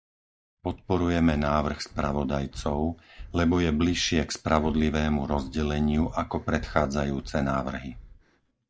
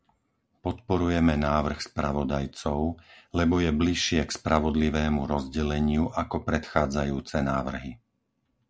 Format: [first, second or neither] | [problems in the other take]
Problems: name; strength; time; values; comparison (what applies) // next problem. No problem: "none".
second | noise reduction (neural mask model DeepFilterNet 3)